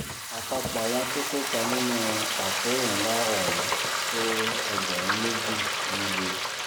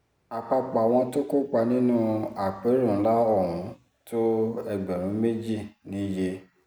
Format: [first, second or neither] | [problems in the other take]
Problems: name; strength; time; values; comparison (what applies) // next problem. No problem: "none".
second | background sound (Frying (food)); 4 dB above the speech